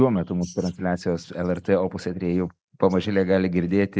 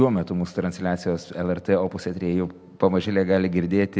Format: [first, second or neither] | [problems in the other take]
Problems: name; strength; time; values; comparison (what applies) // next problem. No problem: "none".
second | noise reduction (neural mask model Resemble Enhance denoiser)